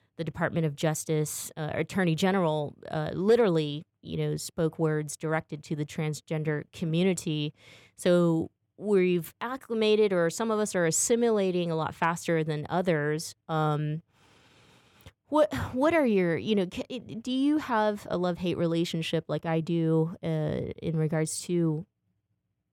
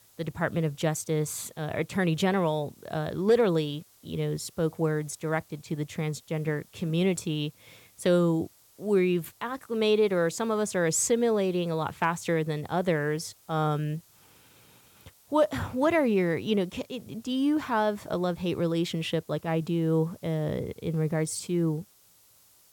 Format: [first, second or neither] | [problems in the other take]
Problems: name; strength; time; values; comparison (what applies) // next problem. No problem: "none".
first | hiss; faint; throughout; 30 dB below the speech